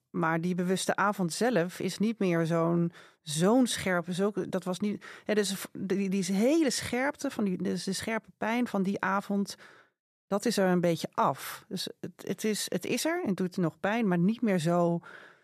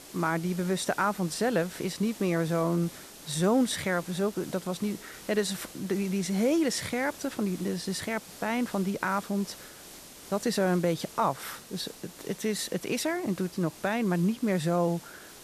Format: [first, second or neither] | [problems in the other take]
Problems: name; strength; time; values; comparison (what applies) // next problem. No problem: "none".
first | hiss; noticeable; throughout; 15 dB below the speech